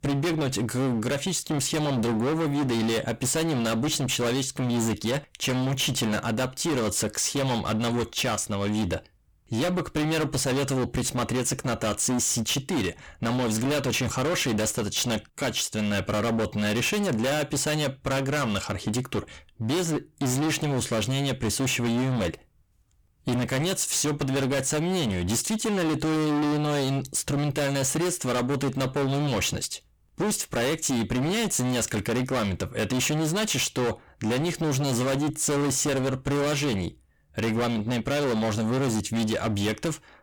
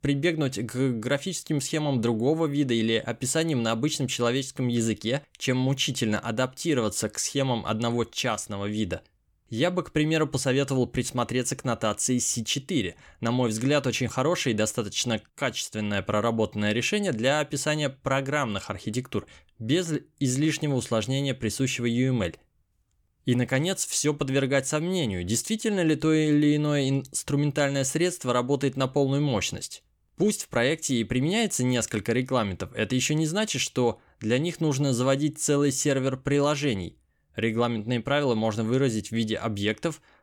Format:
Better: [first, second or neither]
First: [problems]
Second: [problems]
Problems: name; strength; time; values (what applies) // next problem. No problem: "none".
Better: second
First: distortion; heavy; 33% of the sound clipped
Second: none